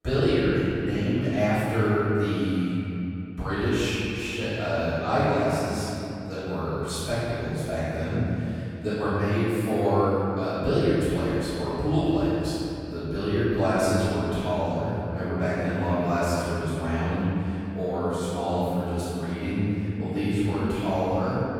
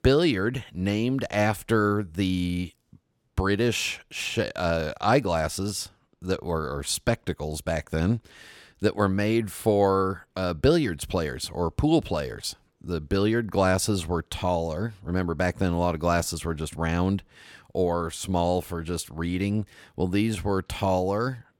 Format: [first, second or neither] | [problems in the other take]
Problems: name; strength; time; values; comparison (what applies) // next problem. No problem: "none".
second | off-mic speech; far // room echo; strong; dies away in 3 s